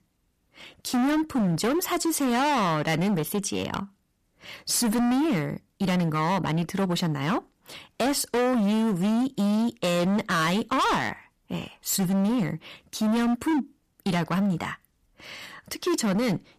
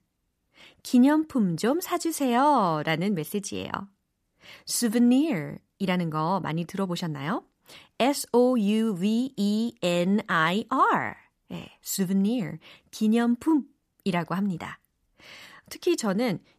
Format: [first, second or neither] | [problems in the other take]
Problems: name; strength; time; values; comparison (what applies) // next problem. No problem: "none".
second | distortion; heavy; 23% of the sound clipped